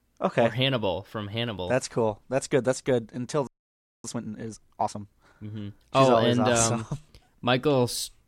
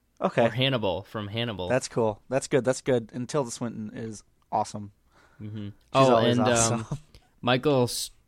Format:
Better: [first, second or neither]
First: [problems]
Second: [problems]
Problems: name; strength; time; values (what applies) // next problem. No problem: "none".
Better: second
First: audio freezing; at 3.5 s for 0.5 s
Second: none